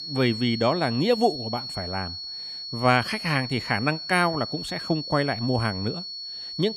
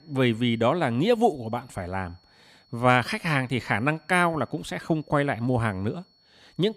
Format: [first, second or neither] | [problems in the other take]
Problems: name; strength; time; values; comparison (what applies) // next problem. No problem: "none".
second | high-pitched whine; loud; throughout; 4.5 kHz, 7 dB below the speech; faint in the second